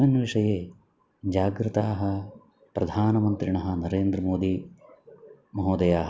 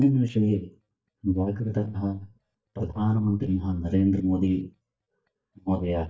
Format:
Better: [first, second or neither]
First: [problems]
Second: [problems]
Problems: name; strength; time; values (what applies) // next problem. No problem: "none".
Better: first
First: none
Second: noise reduction (neural mask model DeepFilterNet 3)